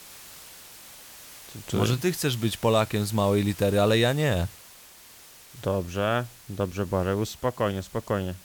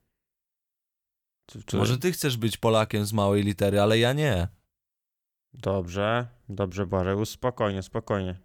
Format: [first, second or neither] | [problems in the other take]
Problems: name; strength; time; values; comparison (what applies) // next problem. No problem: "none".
second | hiss; noticeable; throughout; 20 dB below the speech